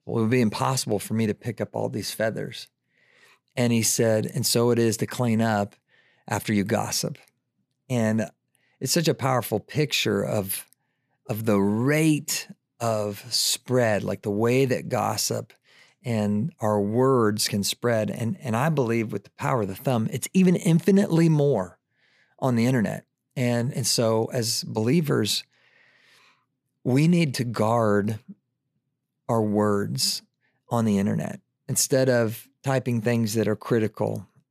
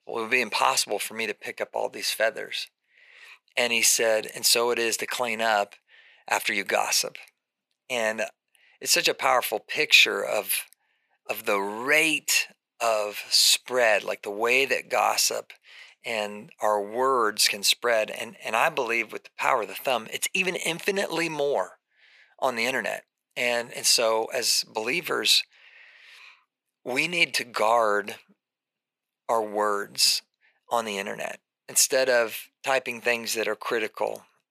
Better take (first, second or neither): first